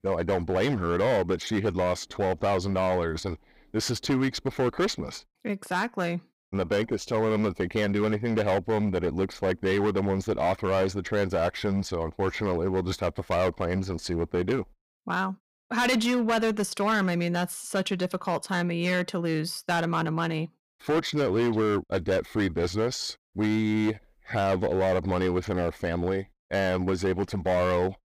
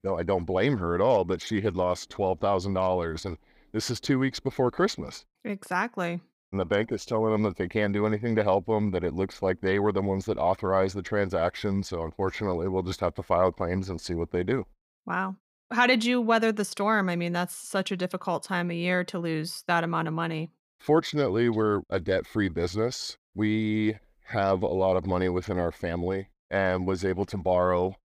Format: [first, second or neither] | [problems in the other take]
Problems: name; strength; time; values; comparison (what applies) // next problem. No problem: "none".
second | distortion; slight; 11% of the sound clipped